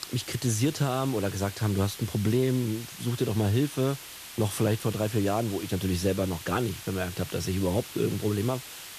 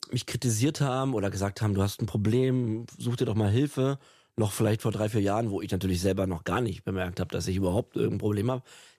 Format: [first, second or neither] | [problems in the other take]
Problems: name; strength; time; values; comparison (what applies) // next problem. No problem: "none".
second | hiss; noticeable; throughout; 10 dB below the speech